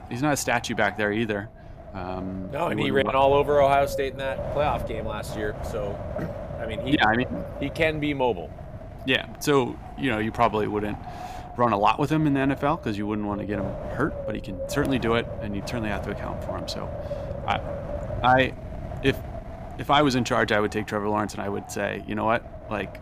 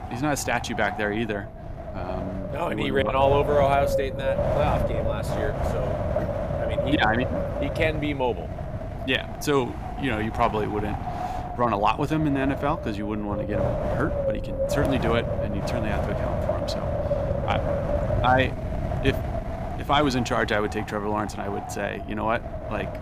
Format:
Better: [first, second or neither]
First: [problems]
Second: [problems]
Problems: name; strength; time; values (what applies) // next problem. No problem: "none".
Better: first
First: wind noise on the microphone; occasional gusts; 10 dB below the speech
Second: wind noise on the microphone; heavy; 4 dB below the speech